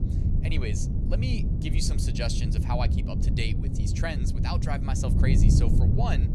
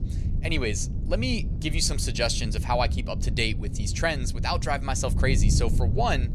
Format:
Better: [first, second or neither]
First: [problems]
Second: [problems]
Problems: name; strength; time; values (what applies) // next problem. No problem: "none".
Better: second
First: wind noise on the microphone; heavy; 3 dB below the speech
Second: wind noise on the microphone; occasional gusts; 15 dB below the speech